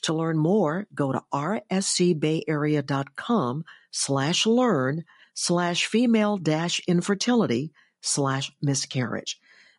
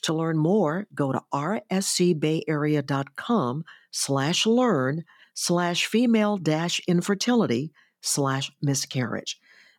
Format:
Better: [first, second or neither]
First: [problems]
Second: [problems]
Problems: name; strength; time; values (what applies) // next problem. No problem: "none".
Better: second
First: garbled, watery; slightly; nothing above 10.5 kHz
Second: none